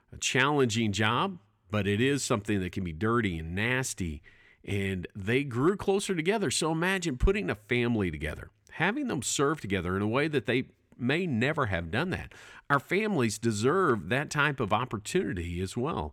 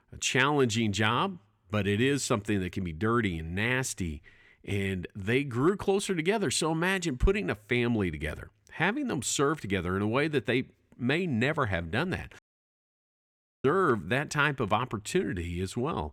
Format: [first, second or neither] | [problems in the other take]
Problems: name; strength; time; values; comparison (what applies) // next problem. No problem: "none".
first | audio cutting out; at 12 s for 1.5 s